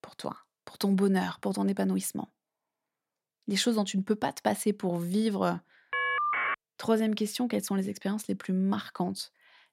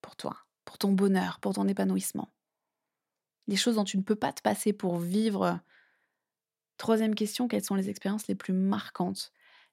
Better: second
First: phone ringing; loud; at 6 s; peak 2 dB above the speech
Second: none

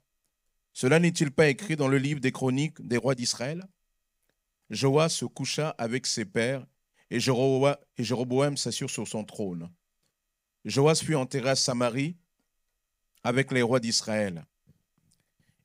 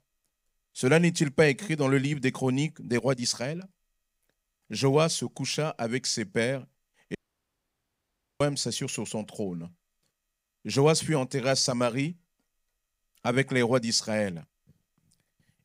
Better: first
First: none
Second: audio cutting out; at 7 s for 1.5 s

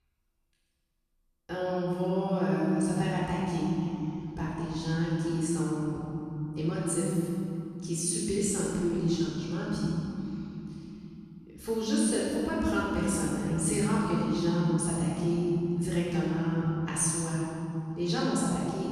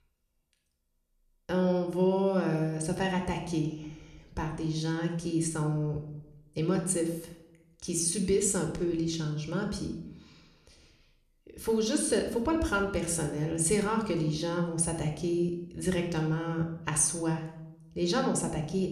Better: second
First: room echo; strong; dies away in 3 s // off-mic speech; far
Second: room echo; slight; dies away in 0.6 s

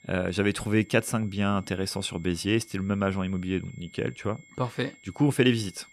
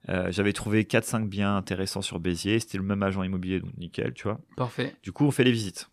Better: second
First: high-pitched whine; faint; throughout; 2 kHz, 25 dB below the speech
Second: none

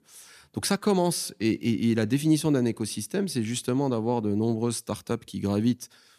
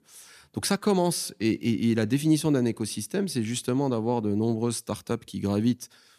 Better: neither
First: none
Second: none

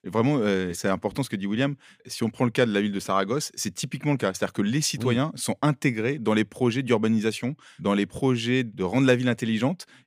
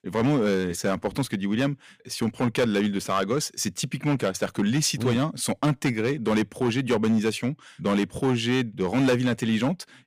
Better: first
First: none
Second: distortion; slight; 7% of the sound clipped

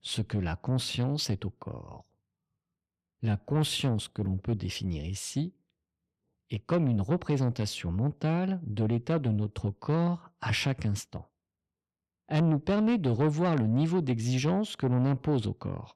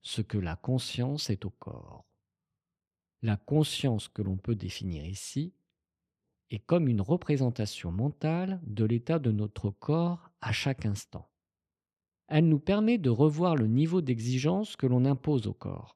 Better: second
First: distortion; slight; 10 dB below the speech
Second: none

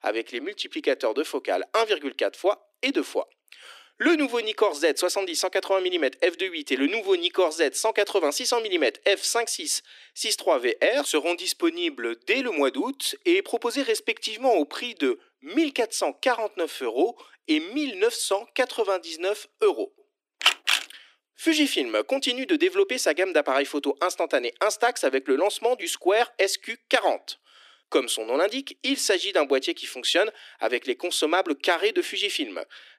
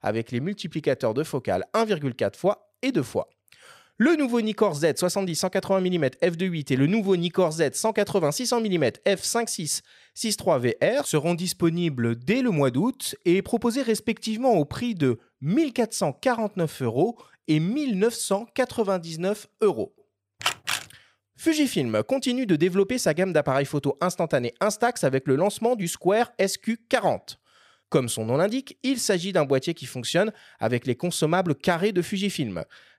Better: second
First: thin; somewhat; fading below 300 Hz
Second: none

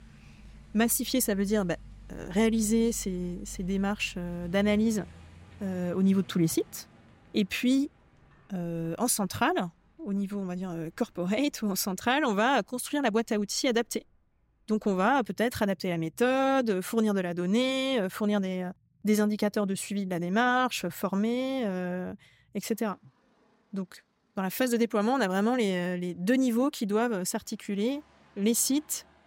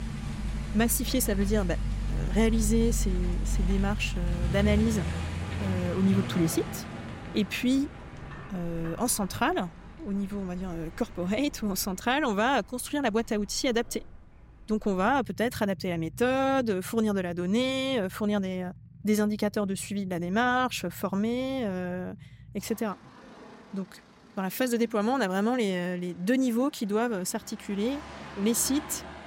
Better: first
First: traffic noise; faint; throughout; 25 dB below the speech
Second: traffic noise; loud; throughout; 7 dB below the speech

